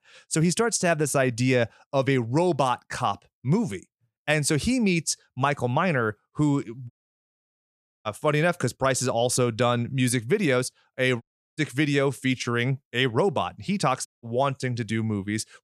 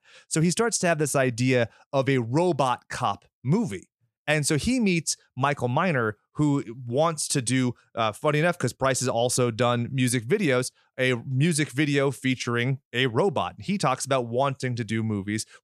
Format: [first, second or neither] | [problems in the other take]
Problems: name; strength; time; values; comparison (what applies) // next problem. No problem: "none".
second | audio cutting out; at 7 s for 1 s, at 11 s and at 14 s